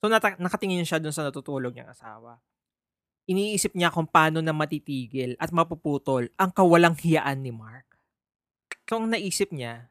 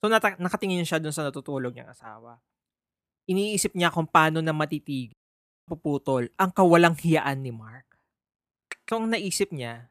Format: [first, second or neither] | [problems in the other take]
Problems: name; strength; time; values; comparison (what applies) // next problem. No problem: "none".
first | audio cutting out; at 5 s for 0.5 s